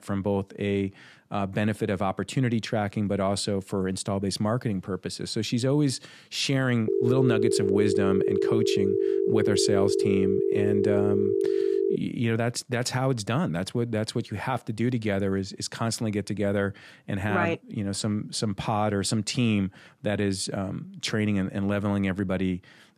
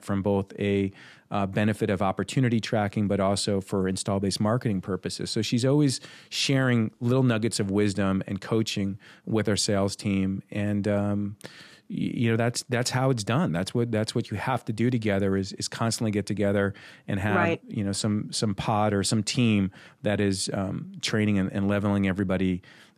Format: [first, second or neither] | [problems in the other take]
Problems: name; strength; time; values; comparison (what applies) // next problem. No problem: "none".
second | phone ringing; loud; from 7 to 12 s; peak 3 dB above the speech